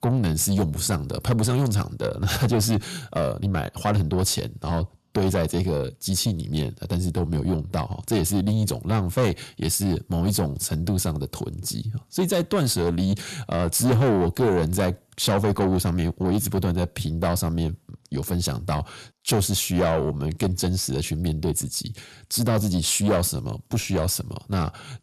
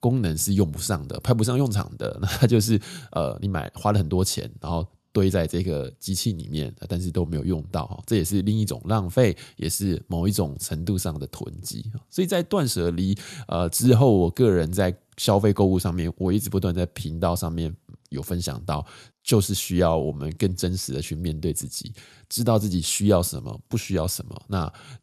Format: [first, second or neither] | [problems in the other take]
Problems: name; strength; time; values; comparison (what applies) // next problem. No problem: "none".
second | distortion; heavy; 8 dB below the speech